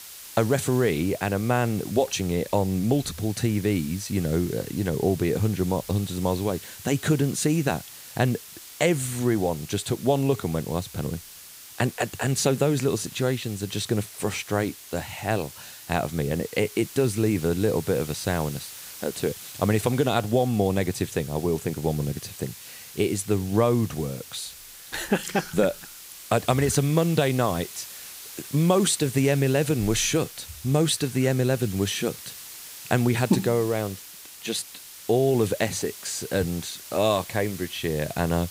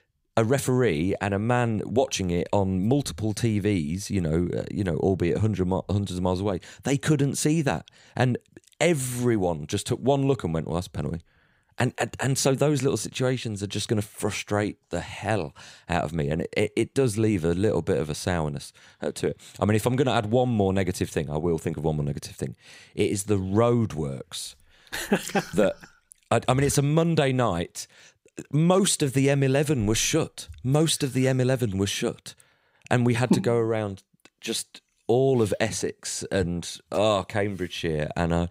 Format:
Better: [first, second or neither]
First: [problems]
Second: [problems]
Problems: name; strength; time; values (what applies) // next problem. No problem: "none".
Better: second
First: hiss; noticeable; throughout; 15 dB below the speech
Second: none